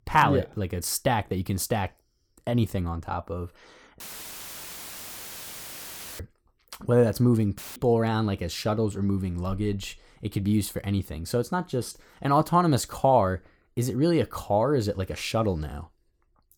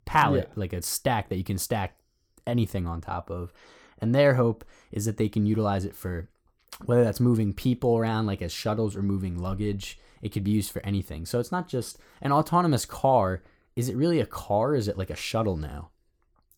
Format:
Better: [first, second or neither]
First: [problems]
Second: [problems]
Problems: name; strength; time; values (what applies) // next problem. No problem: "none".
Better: second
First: audio cutting out; filled with static; at 4 s for 2 s and at 7.5 s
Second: none